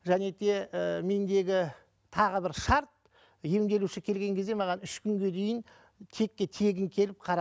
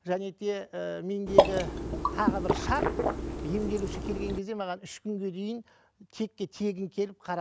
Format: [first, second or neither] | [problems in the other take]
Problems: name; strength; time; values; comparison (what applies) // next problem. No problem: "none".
first | background sound (Water / Liquid); 5 dB above the speech